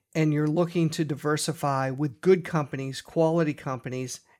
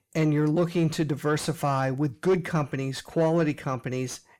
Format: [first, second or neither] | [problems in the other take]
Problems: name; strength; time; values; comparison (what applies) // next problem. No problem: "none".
first | distortion; slight; 10 dB below the speech